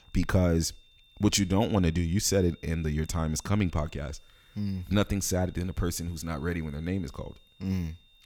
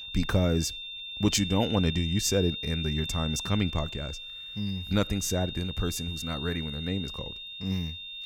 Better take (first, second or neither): first